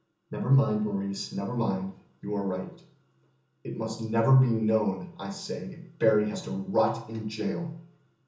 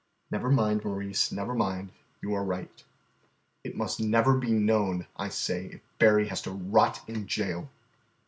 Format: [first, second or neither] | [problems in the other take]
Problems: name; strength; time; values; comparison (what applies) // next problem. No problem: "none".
second | room echo; dies away in 0.6 s